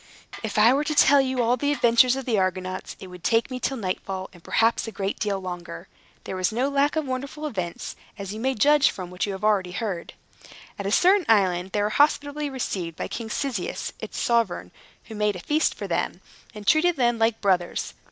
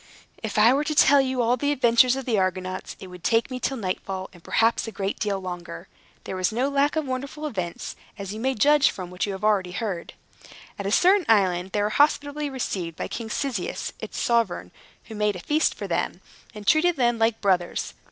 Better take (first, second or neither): second